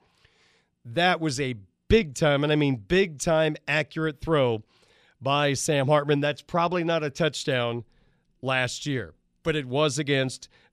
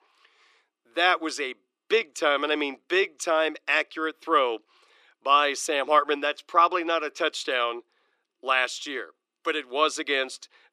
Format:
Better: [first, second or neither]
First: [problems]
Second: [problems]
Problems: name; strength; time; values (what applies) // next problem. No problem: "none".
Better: first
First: none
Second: thin; very; fading below 300 Hz